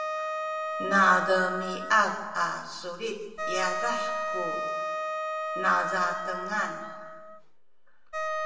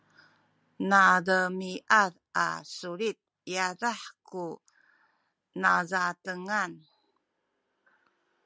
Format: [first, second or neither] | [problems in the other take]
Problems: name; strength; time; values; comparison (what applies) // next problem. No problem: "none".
second | background sound (Wind instrument, woodwind instrument); 3 dB below the speech // room echo; dies away in 1.2 s